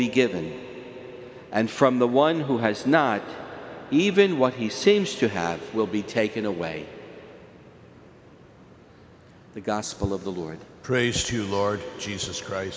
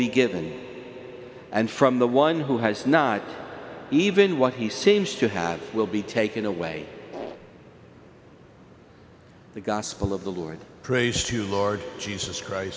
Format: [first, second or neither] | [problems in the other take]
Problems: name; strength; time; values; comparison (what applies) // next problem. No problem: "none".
first | background sound (Fart); 12 dB below the speech